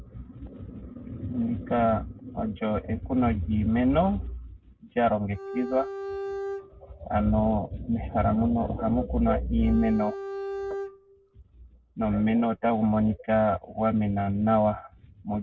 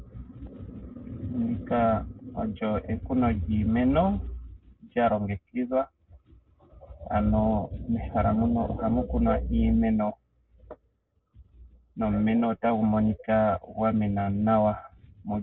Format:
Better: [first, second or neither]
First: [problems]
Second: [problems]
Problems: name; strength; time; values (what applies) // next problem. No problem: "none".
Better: second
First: background sound (Bowed string instrument); 9 dB below the speech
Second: none